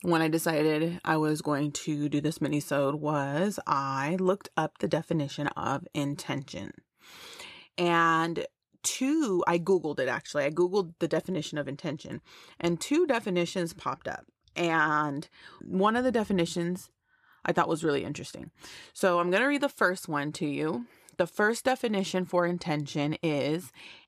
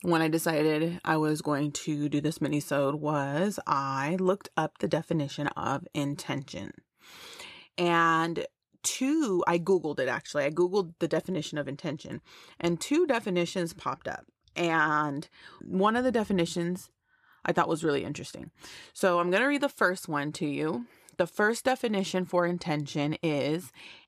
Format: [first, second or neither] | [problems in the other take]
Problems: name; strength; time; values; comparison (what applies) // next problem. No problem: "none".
neither | none